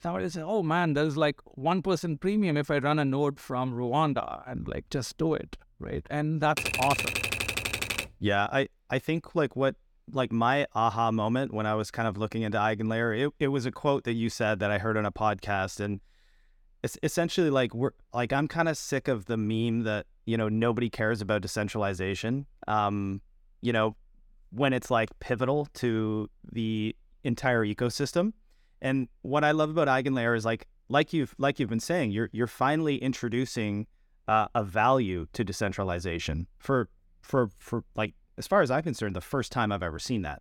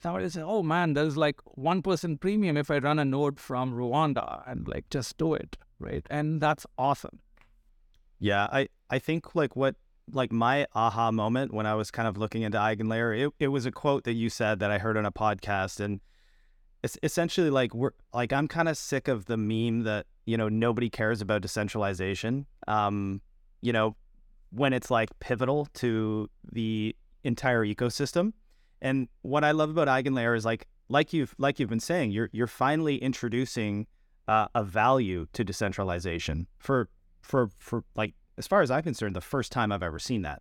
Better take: second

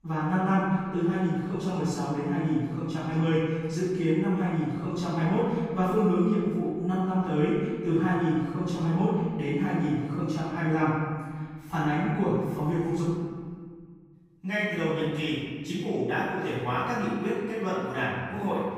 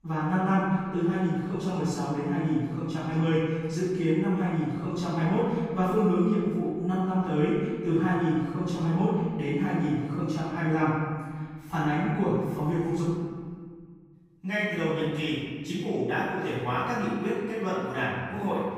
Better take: neither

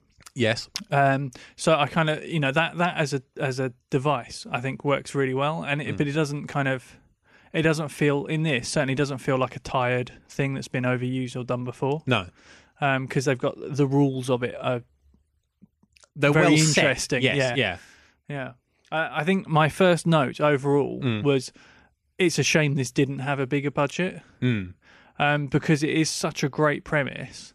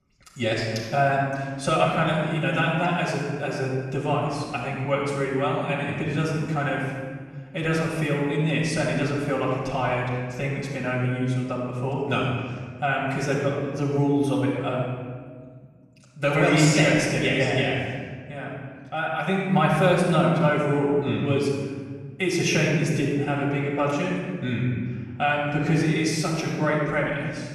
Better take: first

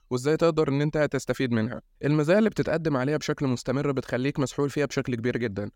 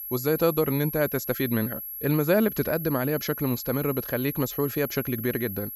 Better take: first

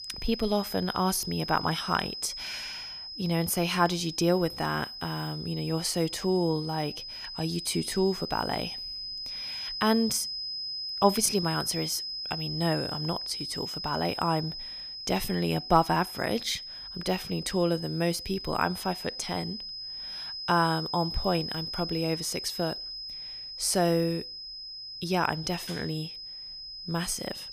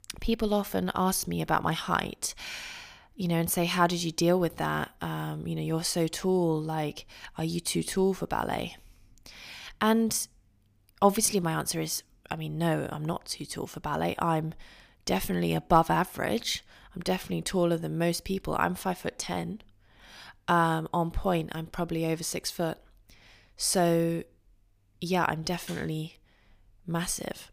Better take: second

